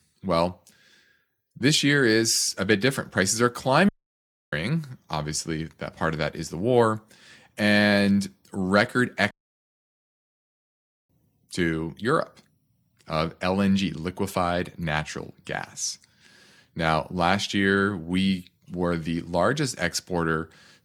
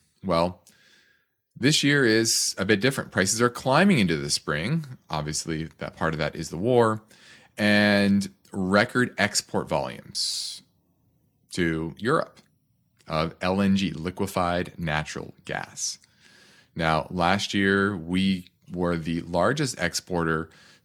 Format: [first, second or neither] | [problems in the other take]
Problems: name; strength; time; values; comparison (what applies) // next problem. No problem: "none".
second | audio cutting out; at 4 s for 0.5 s and at 9.5 s for 2 s